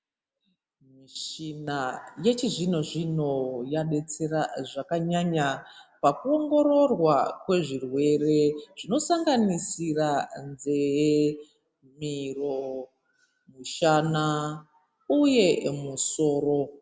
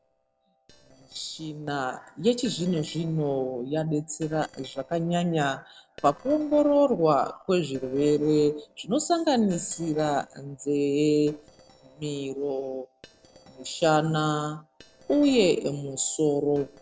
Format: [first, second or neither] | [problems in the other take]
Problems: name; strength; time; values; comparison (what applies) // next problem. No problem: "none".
first | noise reduction (neural separator model SepFormer DNS4)